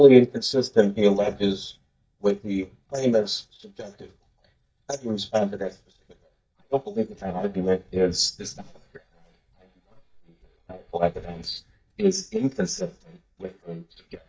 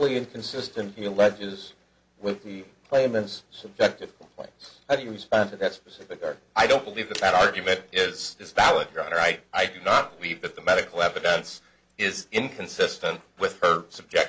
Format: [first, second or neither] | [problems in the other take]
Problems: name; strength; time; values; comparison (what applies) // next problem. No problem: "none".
second | noise reduction (neural mask model DeepFilterNet 3)